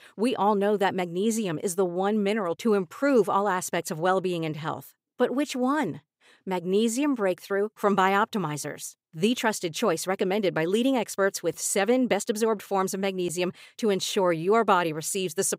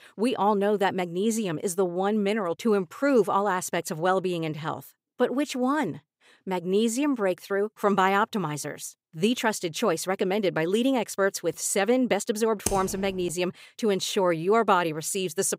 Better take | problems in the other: first | keyboard typing; noticeable; at 13 s; peak 5 dB below the speech

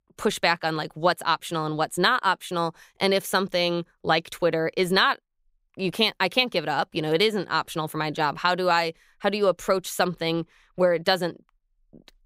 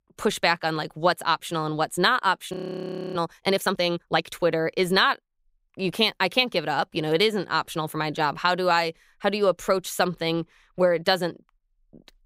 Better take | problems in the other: first | audio freezing; at 2.5 s for 0.5 s

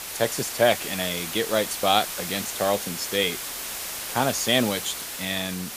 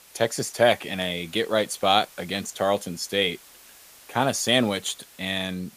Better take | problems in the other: second | hiss; loud; throughout; 5 dB below the speech; faint in the second

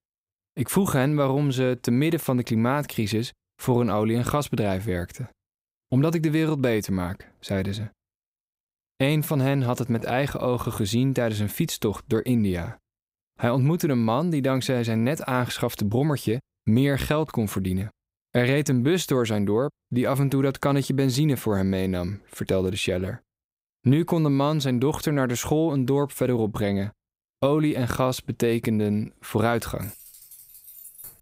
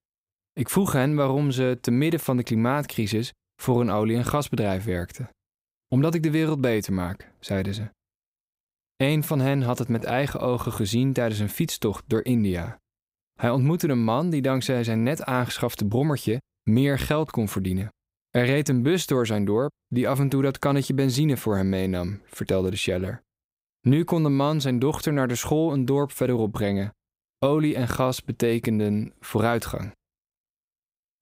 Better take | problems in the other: second | jangling keys; faint; from 30 s on; peak 15 dB below the speech

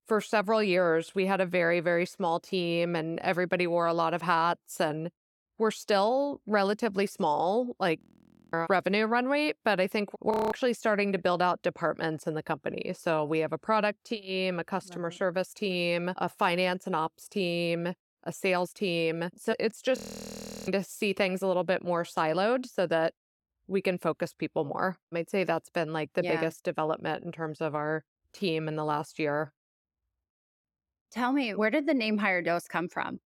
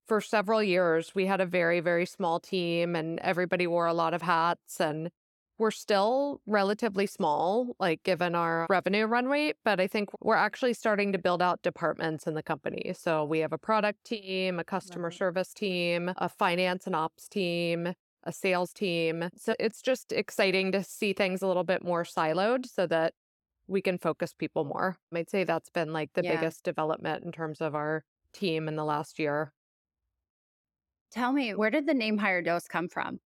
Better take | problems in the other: second | audio freezing; at 8 s for 0.5 s, at 10 s and at 20 s for 0.5 s

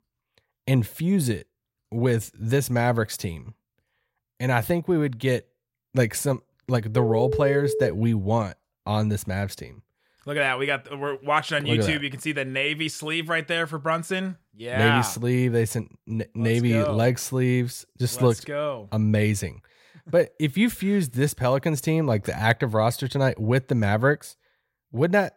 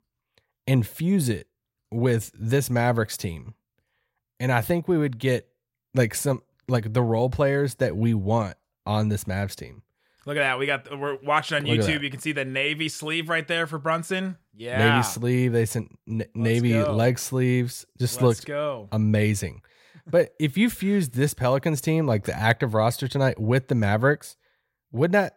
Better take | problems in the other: second | phone ringing; noticeable; at 7 s; peak 2 dB below the speech

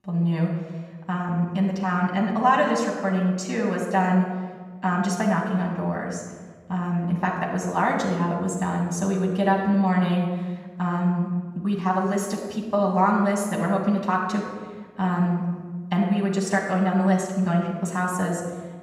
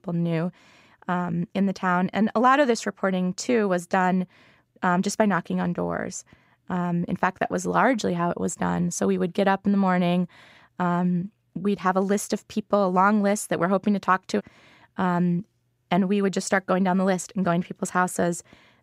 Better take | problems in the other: second | off-mic speech; far // room echo; noticeable; dies away in 1.2 s

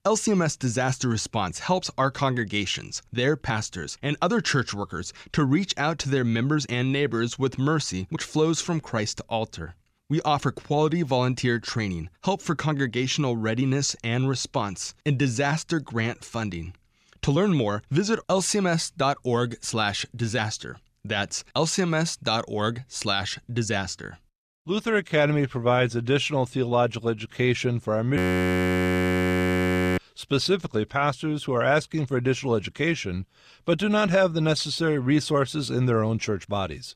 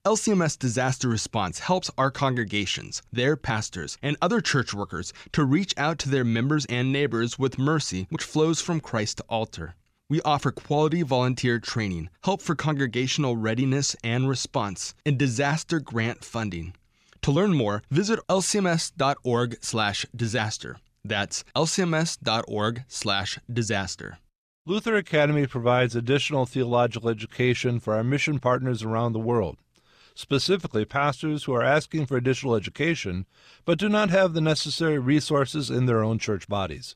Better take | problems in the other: second | audio freezing; at 28 s for 2 s

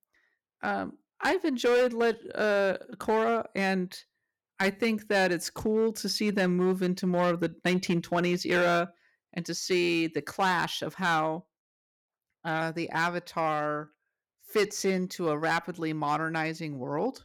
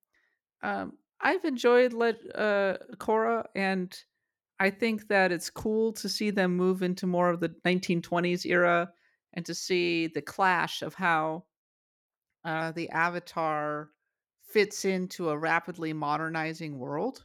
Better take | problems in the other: second | distortion; slight; 5% of the sound clipped

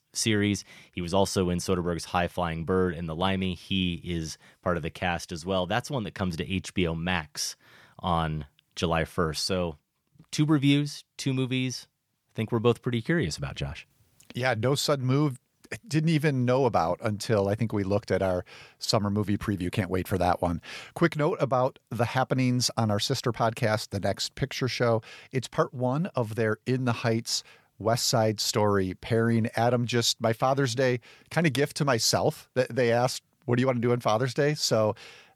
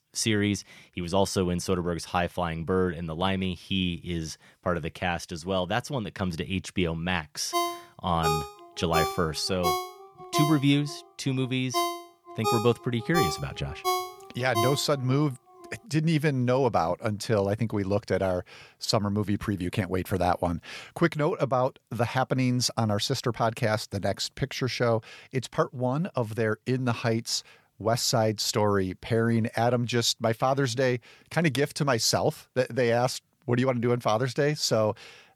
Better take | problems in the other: first | phone ringing; noticeable; from 7.5 to 15 s; peak 1 dB below the speech

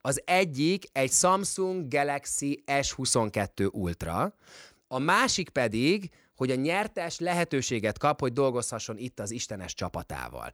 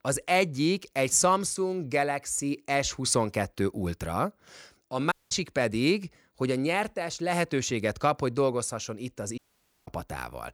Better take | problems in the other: first | audio cutting out; at 5 s and at 9.5 s

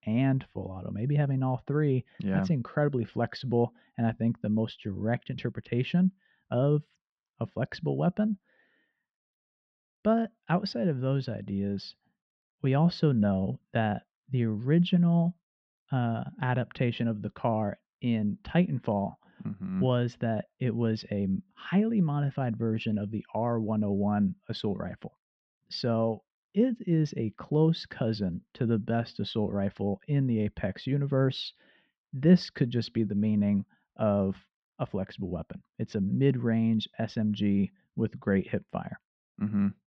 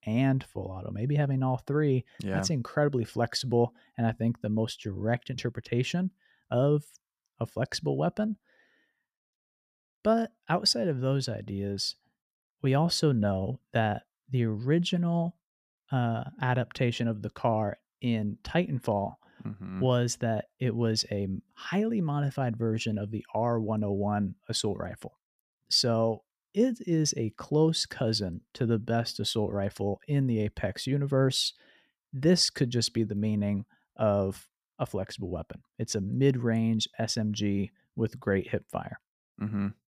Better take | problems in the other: second | muffled; slightly; fading above 3.5 kHz

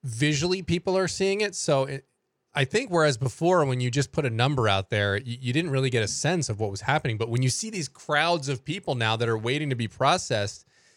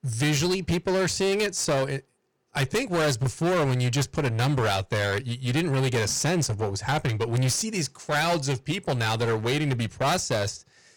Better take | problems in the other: first | distortion; heavy; 20% of the sound clipped

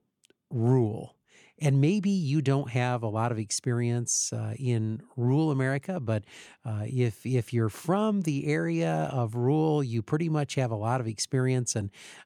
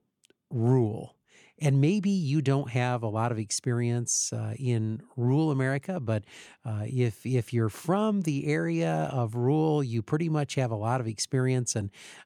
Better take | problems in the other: neither | none

